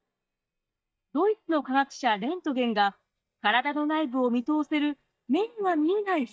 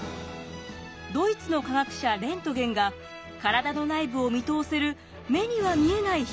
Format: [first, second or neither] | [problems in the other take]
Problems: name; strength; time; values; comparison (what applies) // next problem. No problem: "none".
second | noise reduction (neural mask model DeepFilterNet 3)